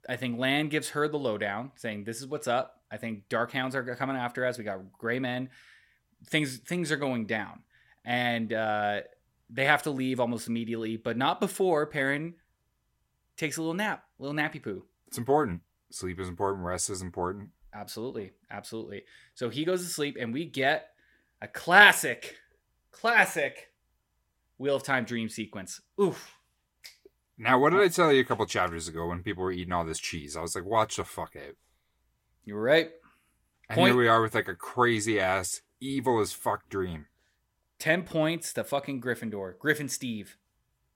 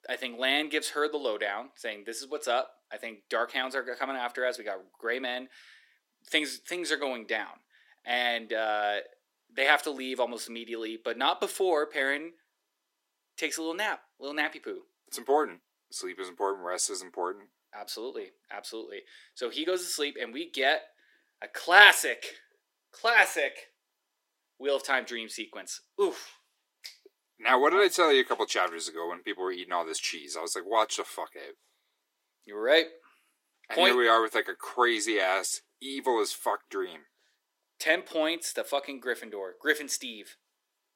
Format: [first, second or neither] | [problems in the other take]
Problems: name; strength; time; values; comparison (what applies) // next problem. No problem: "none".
first | thin; somewhat; fading below 300 Hz